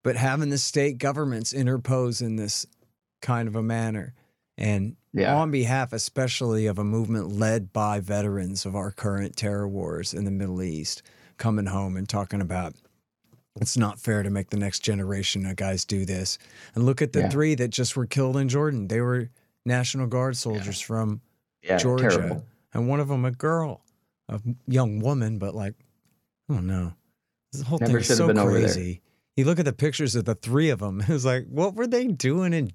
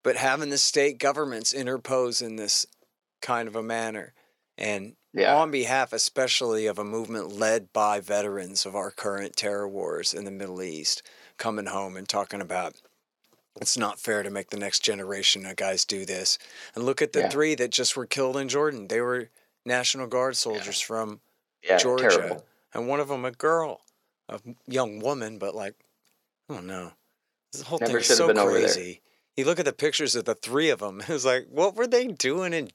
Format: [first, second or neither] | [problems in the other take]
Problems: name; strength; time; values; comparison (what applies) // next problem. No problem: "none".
first | thin; very; fading below 450 Hz